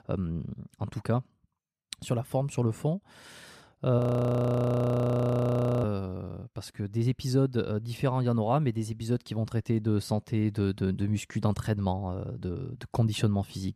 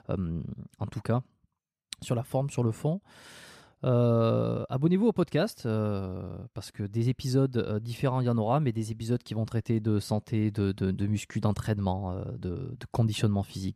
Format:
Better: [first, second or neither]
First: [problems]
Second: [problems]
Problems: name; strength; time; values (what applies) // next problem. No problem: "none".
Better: second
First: audio freezing; at 4 s for 2 s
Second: none